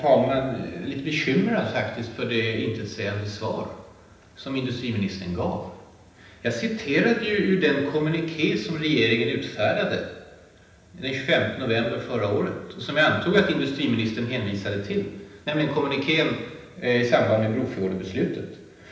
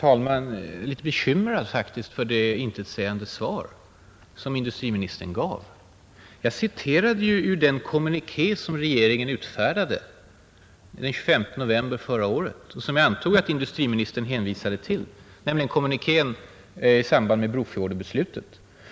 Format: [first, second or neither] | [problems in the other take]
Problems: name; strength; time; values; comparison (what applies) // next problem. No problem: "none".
second | room echo; dies away in 0.9 s